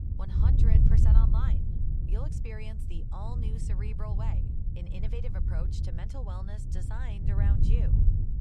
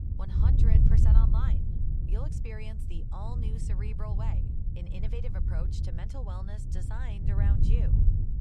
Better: neither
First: wind noise on the microphone; heavy; 1 dB above the speech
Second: wind noise on the microphone; heavy; 1 dB above the speech

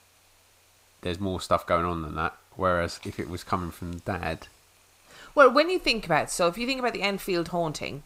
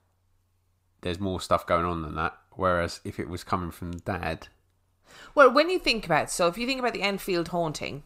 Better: second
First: hiss; faint; throughout; 30 dB below the speech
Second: none

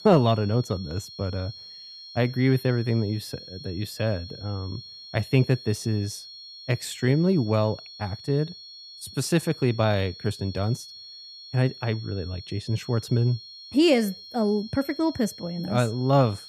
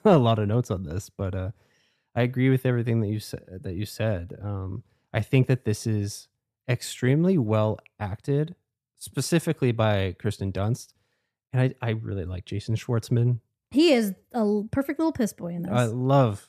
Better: second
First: high-pitched whine; noticeable; throughout; 4.5 kHz, 15 dB below the speech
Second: none

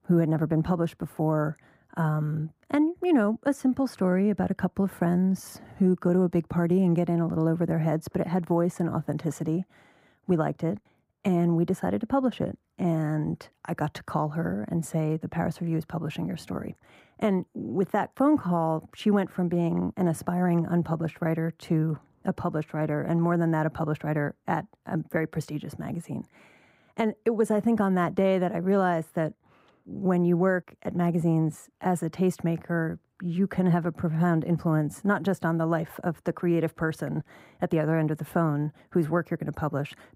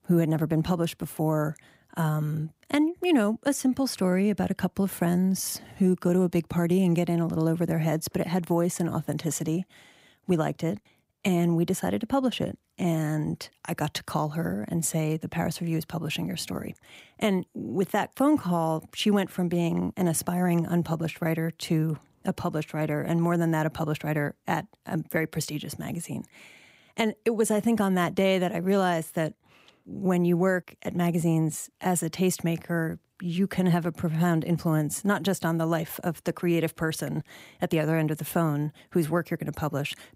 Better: second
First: muffled; slightly; fading above 1.5 kHz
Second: none

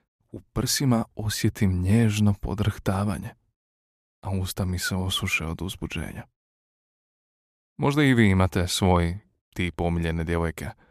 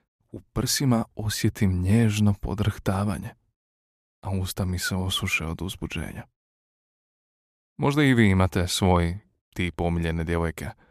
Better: neither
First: none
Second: none

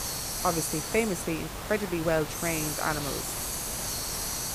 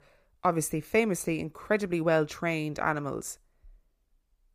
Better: second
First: hiss; loud; throughout; 2 dB below the speech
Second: none

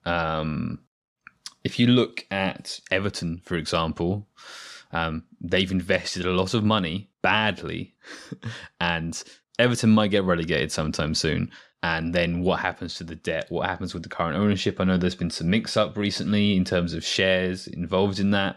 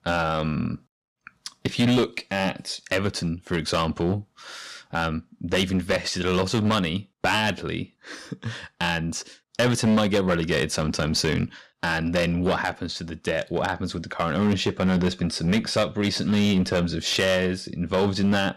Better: first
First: none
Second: distortion; slight; 7% of the sound clipped

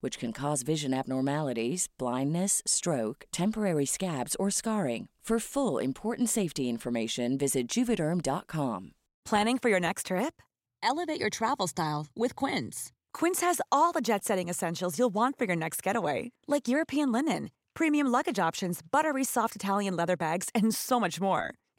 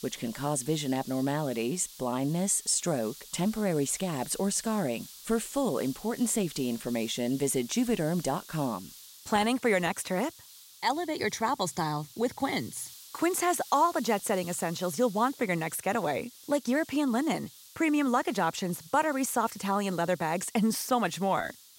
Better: first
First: none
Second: hiss; noticeable; throughout; 15 dB below the speech

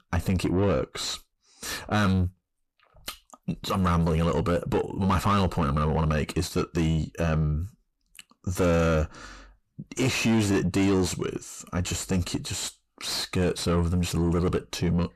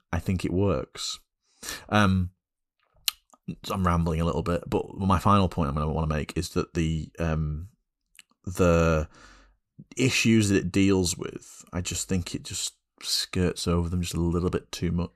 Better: second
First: distortion; heavy; 7 dB below the speech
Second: none

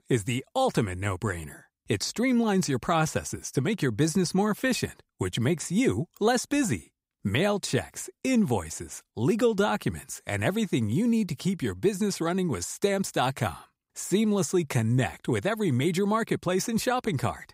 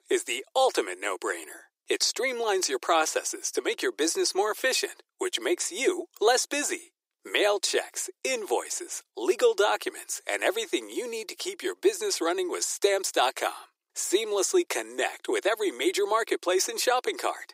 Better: first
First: none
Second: thin; very; fading below 350 Hz

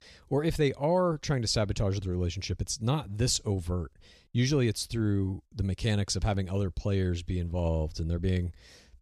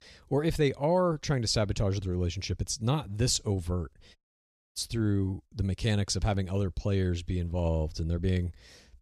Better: first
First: none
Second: audio cutting out; at 4 s for 0.5 s

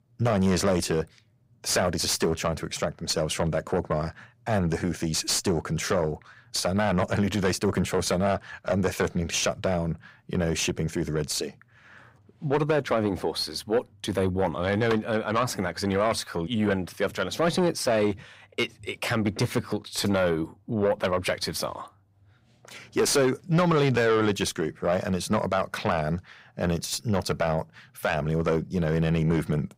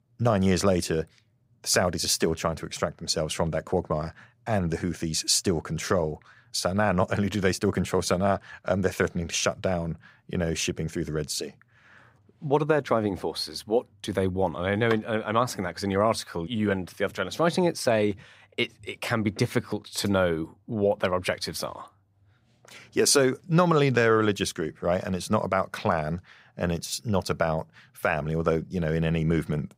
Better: second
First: distortion; slight; 10 dB below the speech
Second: none

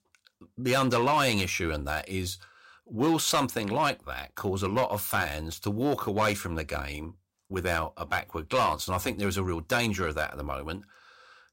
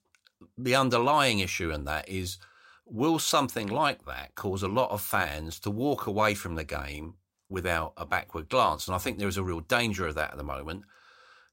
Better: second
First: distortion; slight; 3% of the sound clipped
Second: none

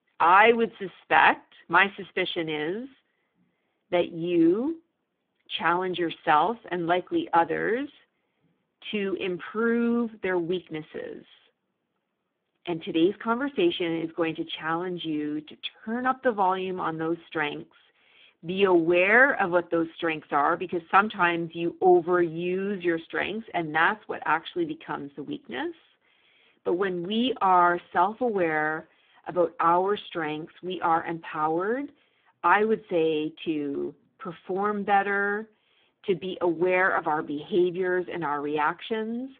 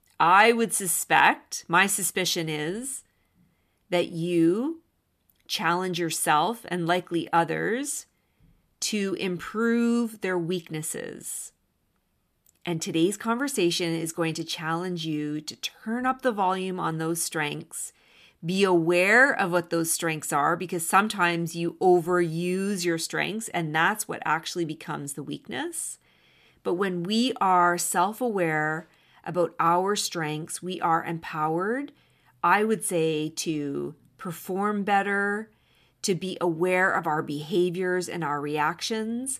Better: second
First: phone-call audio; poor line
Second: none

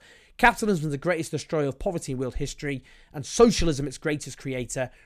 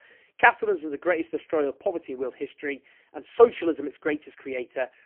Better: first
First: none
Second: phone-call audio; poor line

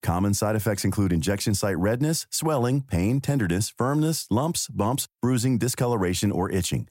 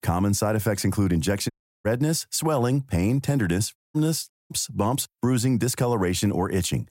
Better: first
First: none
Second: audio cutting out; at 1.5 s, at 4 s and at 4.5 s

